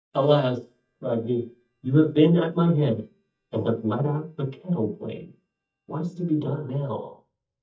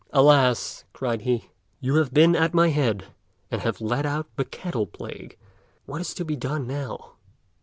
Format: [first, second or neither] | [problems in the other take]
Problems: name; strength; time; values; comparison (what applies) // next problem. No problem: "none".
second | noise reduction (neural mask model DeepFilterNet 3)